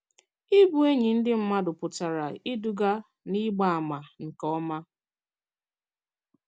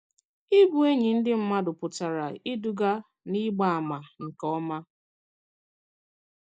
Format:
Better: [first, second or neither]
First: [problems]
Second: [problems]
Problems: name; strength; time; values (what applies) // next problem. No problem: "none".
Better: first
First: none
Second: noise reduction (neural mask model Resemble Enhance denoiser)